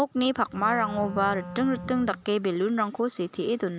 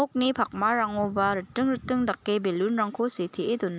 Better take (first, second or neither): second